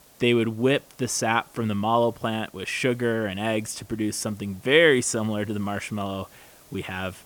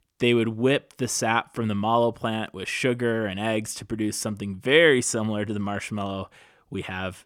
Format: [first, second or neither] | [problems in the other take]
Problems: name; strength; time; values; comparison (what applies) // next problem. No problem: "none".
second | hiss; faint; throughout; 25 dB below the speech